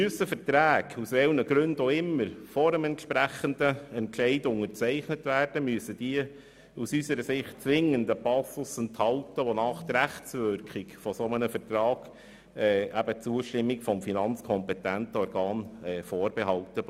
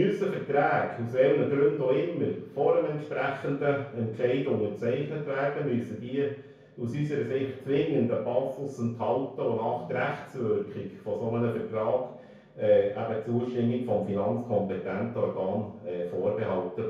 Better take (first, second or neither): first